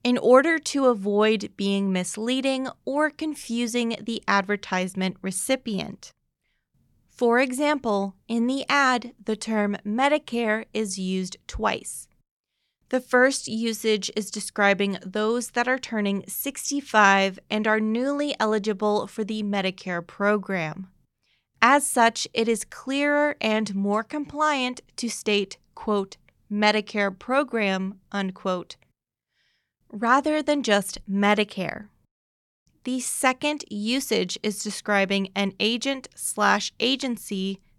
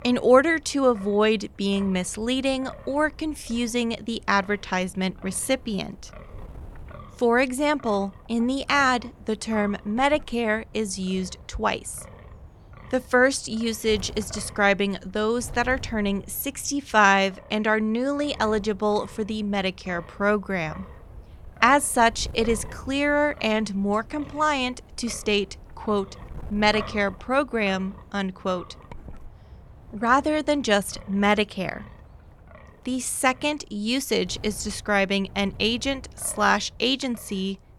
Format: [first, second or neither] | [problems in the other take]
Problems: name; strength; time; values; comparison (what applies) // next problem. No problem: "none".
first | wind noise on the microphone; occasional gusts; 25 dB below the speech